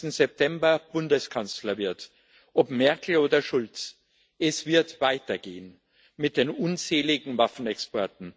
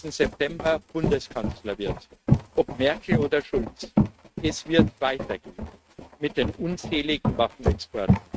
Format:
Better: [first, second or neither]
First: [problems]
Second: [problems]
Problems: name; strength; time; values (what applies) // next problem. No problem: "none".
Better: first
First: none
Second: noise reduction (neural mask model RNNoise)